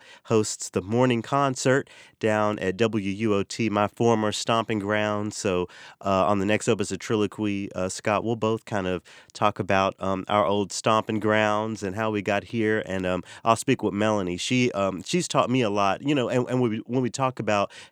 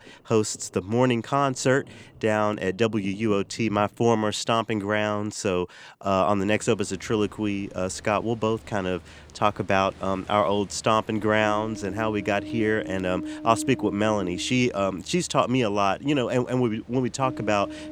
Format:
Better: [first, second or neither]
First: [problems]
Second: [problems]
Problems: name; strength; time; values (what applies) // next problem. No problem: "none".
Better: first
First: none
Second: rain or running water; noticeable; throughout; 15 dB below the speech